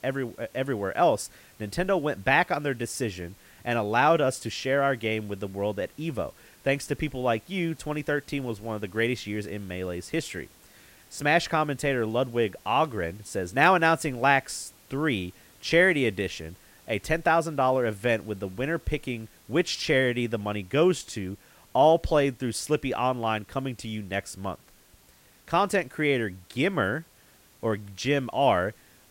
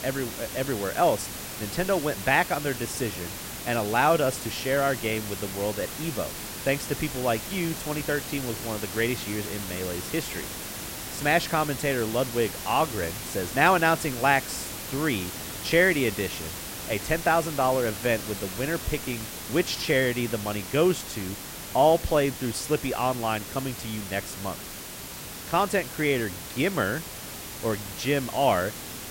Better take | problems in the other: first | hiss; loud; throughout; 8 dB below the speech; faint in the first

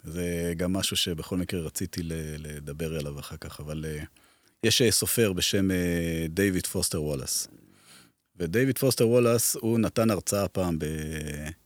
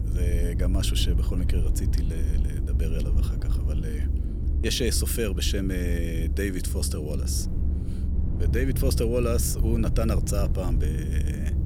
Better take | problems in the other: first | low rumble; loud; throughout; 10 dB below the speech

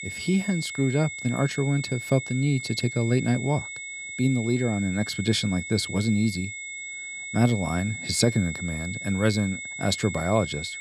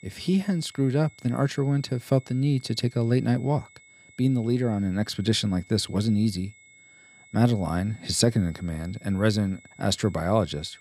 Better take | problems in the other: second | high-pitched whine; loud; throughout; 2 kHz, 8 dB below the speech; faint in the second

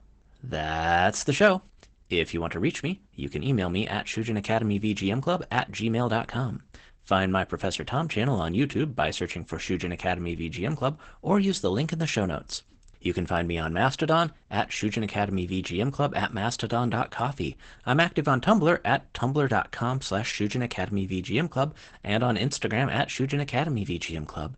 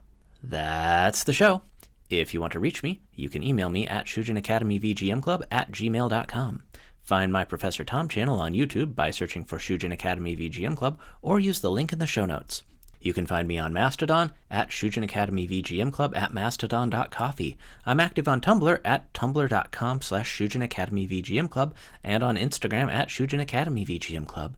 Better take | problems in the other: second | garbled, watery; badly; nothing above 8 kHz; slightly in the second

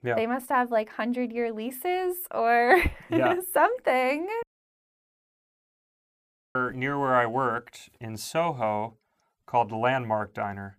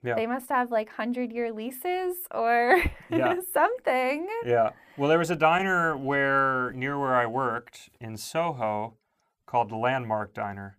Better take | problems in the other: second | audio cutting out; at 4.5 s for 2 s

